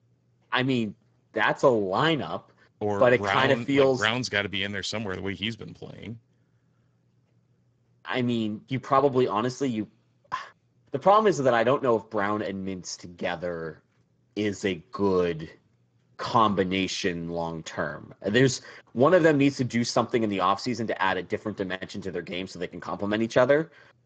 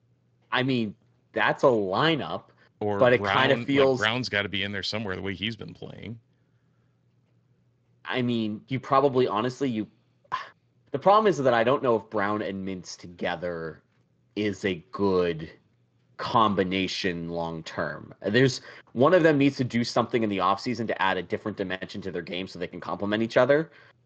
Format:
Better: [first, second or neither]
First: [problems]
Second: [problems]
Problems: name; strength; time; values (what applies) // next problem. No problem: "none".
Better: second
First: garbled, watery; badly; nothing above 7.5 kHz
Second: garbled, watery; slightly